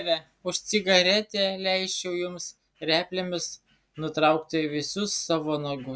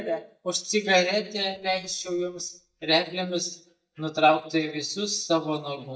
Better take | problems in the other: first | noise reduction (neural mask model DeepFilterNet 3)

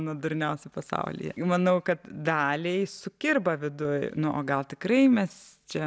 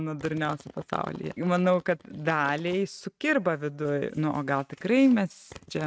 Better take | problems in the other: first | noise reduction (neural mask model RNNoise)

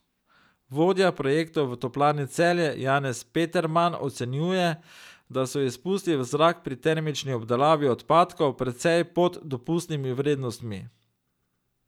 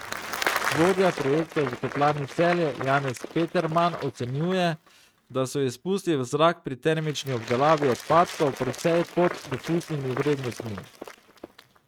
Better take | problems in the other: first | noise reduction (neural mask model RNNoise)

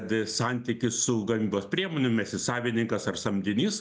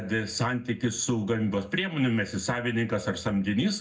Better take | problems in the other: first | room echo; dies away in 0.3 s

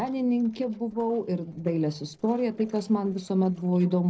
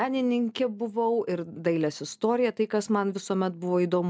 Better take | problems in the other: second | noise reduction (neural separator model SepFormer DNS4)

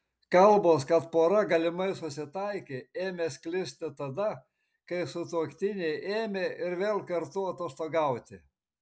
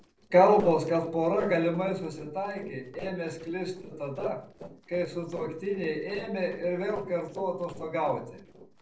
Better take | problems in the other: first | noise reduction (neural separator model SepFormer DNS4)

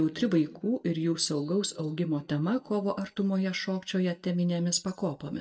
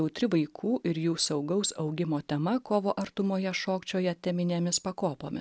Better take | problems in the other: second | noise reduction (neural mask model DeepFilterNet 3)

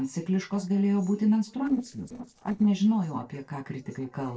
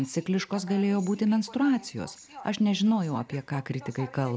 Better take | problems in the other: second | noise reduction (neural separator model SepFormer DNS4)

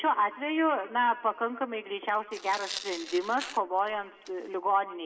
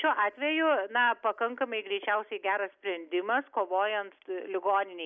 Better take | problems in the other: second | background sound (Tearing); 14 dB below the speech // room echo; dies away in 1.7 s

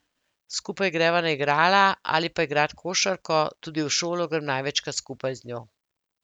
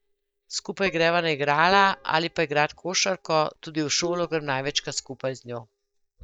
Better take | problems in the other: first | noise reduction (neural mask model DeepFilterNet 3)

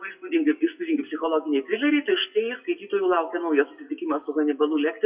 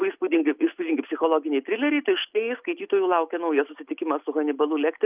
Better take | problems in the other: second | noise reduction (classical method WPE with log-MMSE)

